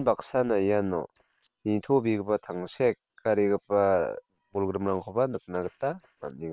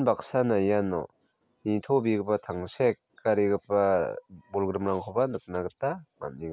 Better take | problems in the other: second | noise reduction (neural separator model SepFormer WHAM!)

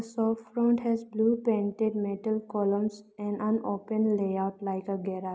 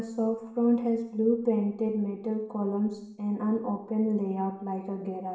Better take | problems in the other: first | room echo; dies away in 0.7 s

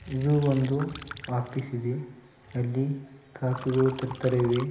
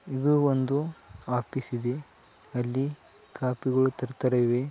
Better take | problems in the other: second | background sound (Liquid); 17 dB below the speech // room echo; dies away in 1.1 s

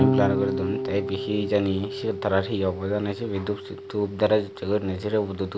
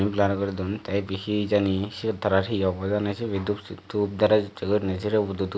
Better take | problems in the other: second | background sound (Electric guitar / Bass guitar); 4 dB below the speech

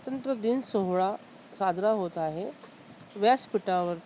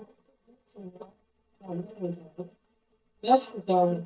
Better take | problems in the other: first | noise reduction (neural mask model DeepFilterNet 3)

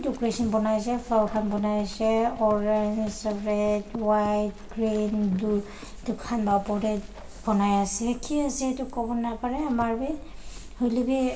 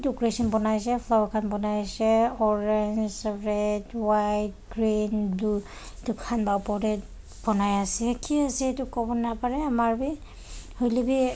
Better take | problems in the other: second | background sound (Livestock, farm animals, working animals); 17 dB below the speech // room echo; dies away in 0.8 s

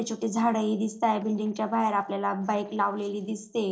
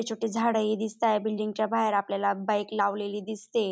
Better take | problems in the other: second | noise reduction (neural separator model SepFormer DNS4)

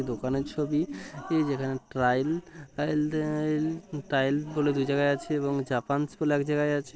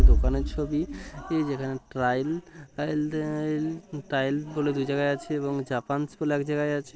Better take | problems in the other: first | background sound (Bass drum); 1 dB below the speech

